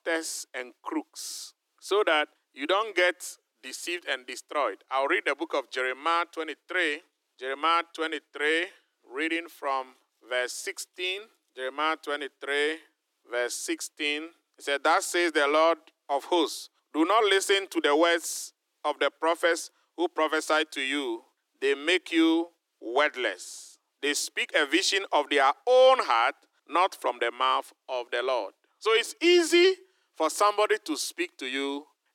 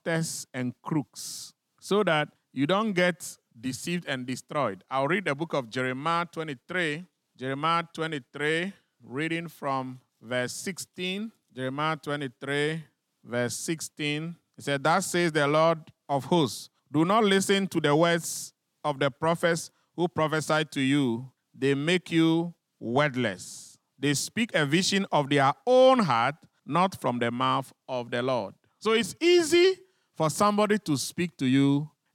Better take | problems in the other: second | thin; very; fading below 300 Hz

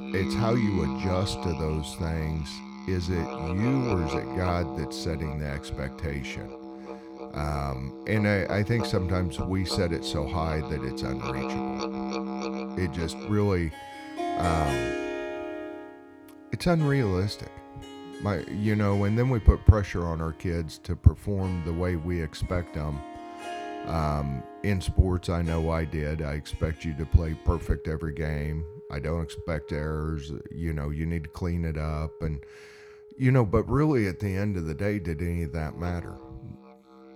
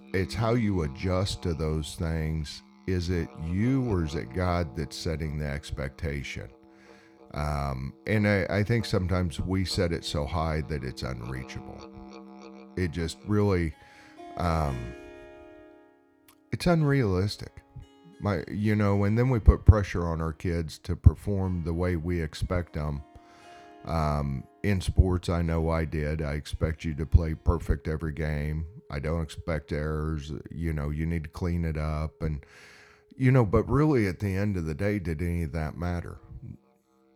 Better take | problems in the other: second | background music; loud; throughout; 8 dB below the speech; faint in the second

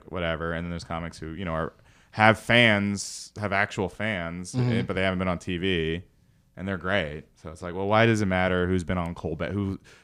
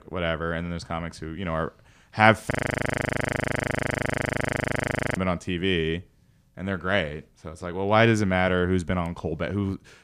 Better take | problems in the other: first | audio freezing; at 2.5 s for 2.5 s

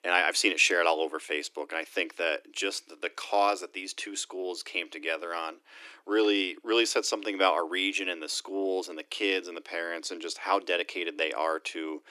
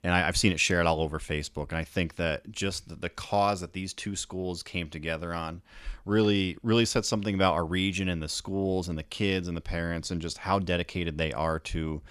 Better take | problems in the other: second | thin; somewhat; fading below 300 Hz

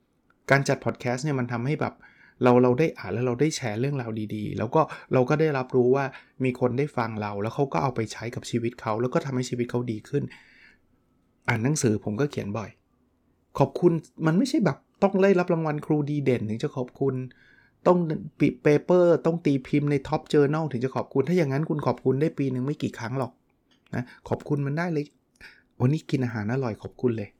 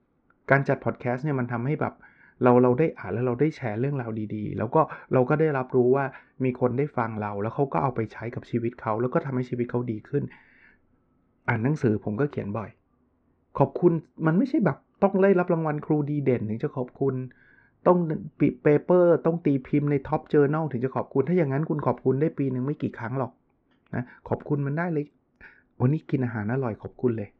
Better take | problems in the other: first | muffled; very; fading above 1.5 kHz

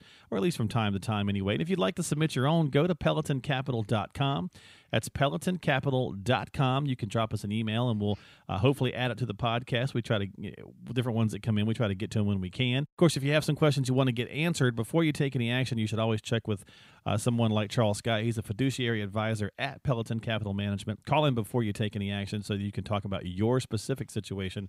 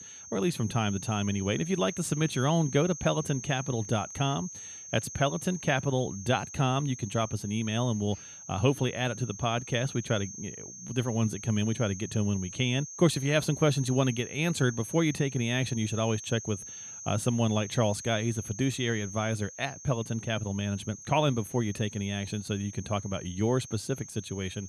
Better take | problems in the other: first | high-pitched whine; noticeable; throughout; 6.5 kHz, 10 dB below the speech

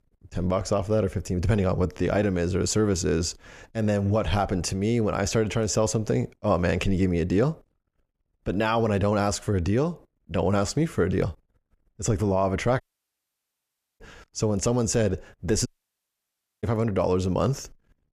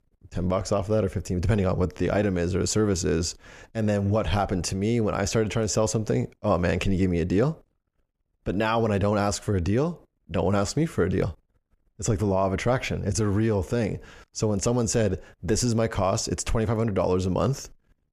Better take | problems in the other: second | audio cutting out; at 13 s for 1 s and at 16 s for 1 s

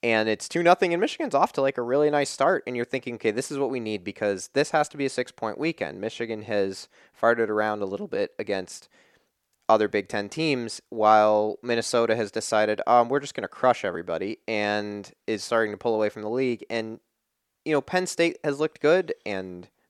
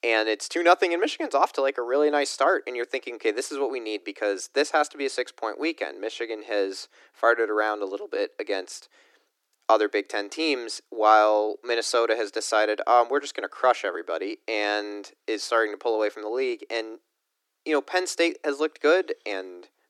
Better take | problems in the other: first | thin; somewhat; fading below 300 Hz

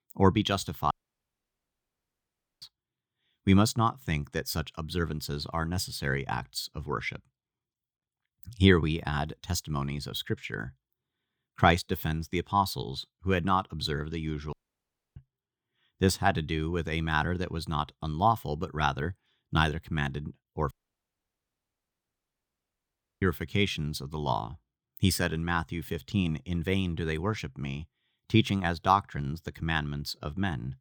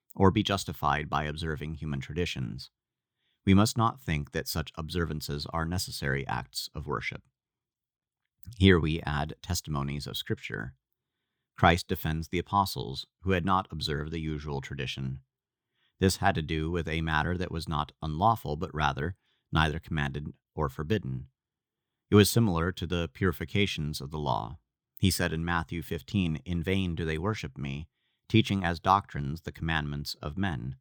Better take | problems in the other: second | audio cutting out; at 1 s for 1.5 s, at 15 s for 0.5 s and at 21 s for 2.5 s

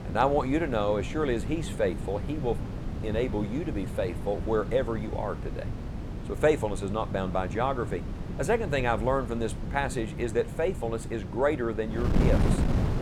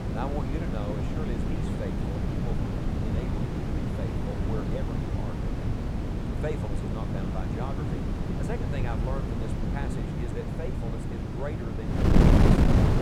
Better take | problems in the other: first | wind noise on the microphone; heavy; 5 dB above the speech; occasional gusts in the first

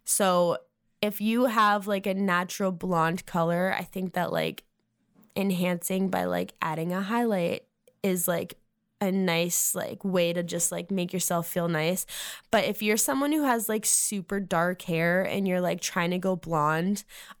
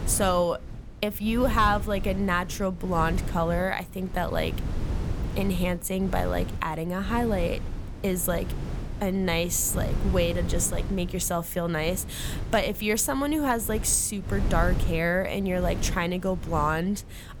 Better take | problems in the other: first | wind noise on the microphone; occasional gusts; 15 dB below the speech

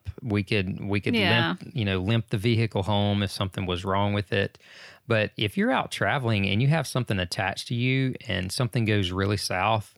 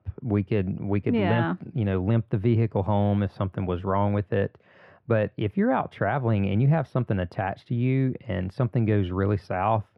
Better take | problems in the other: first | muffled; very; fading above 3 kHz

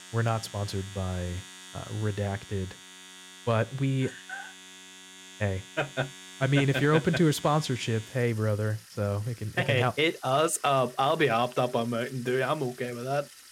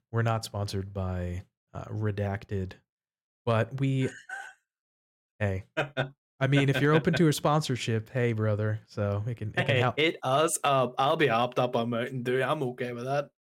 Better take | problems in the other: second | household noises; noticeable; throughout; 15 dB below the speech

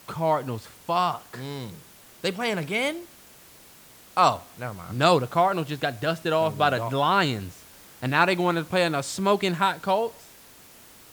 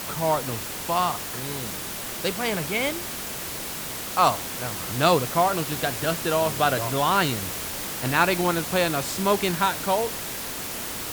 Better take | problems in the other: first | hiss; loud; throughout; 5 dB below the speech; faint in the first

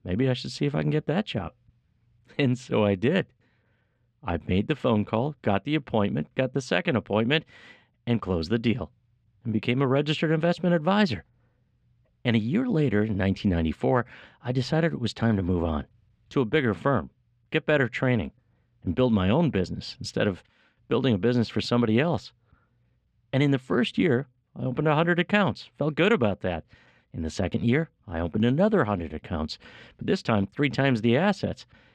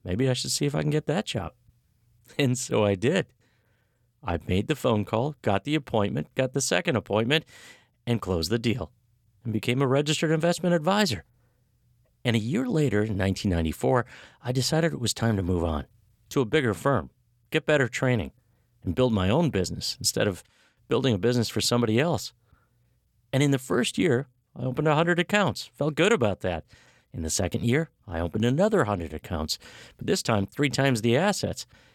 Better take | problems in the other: second | muffled; slightly; fading above 3 kHz

